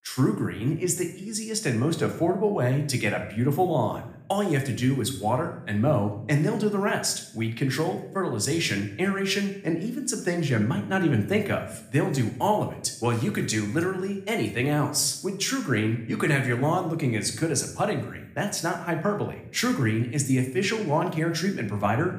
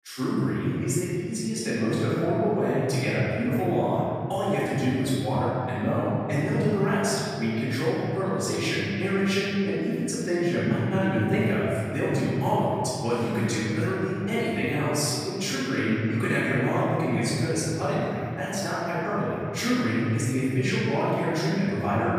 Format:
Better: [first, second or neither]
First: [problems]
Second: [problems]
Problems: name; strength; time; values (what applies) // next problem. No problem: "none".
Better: first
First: room echo; slight; dies away in 0.6 s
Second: room echo; strong; dies away in 2.5 s // off-mic speech; far